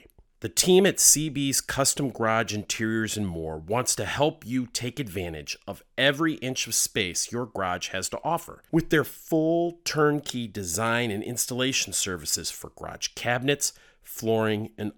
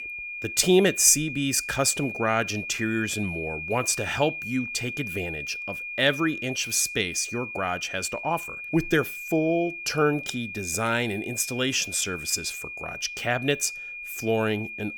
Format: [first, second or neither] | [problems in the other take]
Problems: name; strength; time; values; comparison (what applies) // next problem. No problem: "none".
first | high-pitched whine; loud; throughout; 2.5 kHz, 8 dB below the speech